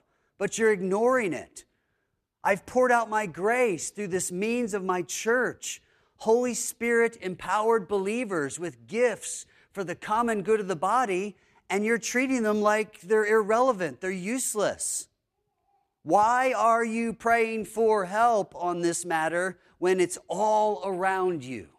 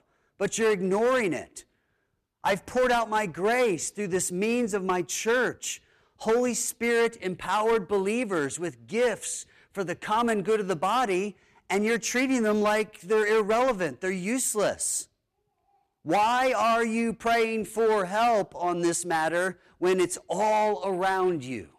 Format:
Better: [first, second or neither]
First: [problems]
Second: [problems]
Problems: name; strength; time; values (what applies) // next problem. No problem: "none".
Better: first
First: none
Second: distortion; slight; 8% of the sound clipped